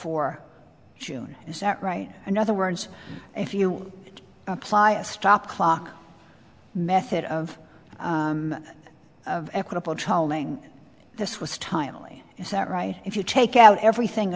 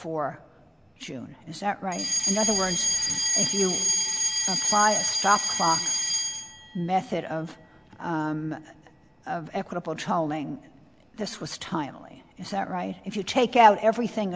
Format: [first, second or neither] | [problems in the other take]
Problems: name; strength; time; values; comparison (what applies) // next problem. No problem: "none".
first | background sound (Alarm); 3 dB below the speech